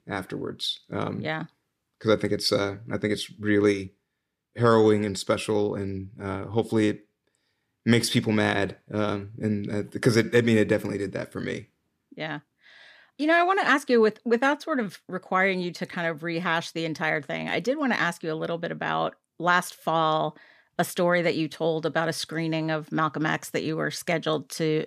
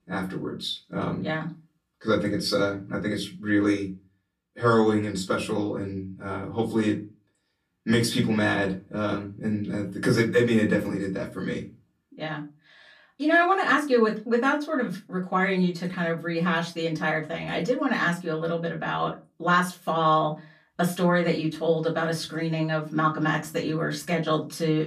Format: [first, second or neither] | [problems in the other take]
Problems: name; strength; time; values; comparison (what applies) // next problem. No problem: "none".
first | off-mic speech; far // room echo; very slight; dies away in 0.2 s